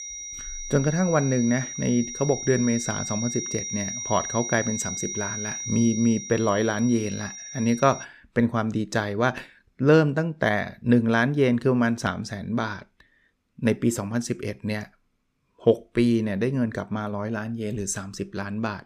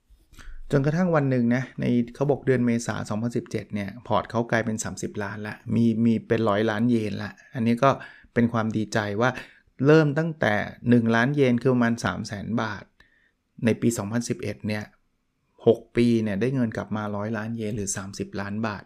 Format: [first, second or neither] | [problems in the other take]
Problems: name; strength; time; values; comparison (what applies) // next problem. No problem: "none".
second | high-pitched whine; loud; until 8 s; 5.5 kHz, 7 dB below the speech